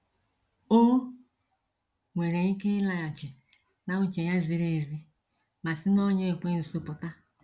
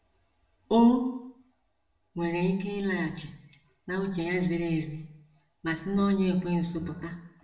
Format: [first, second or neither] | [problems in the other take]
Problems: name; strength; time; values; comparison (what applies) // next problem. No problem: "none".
first | room echo; dies away in 0.6 s